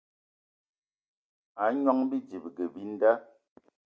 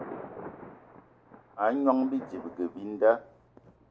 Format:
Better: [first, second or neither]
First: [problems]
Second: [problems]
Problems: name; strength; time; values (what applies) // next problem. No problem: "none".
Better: first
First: none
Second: background sound (Thunder); 16 dB below the speech